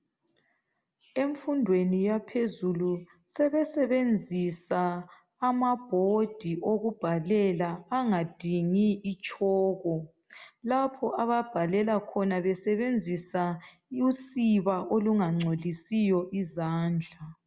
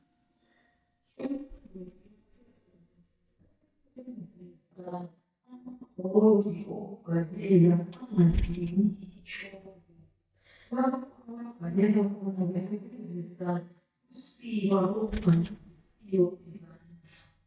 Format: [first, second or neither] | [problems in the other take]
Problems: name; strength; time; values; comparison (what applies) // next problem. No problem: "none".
first | noise reduction (neural mask model DeepFilterNet 3)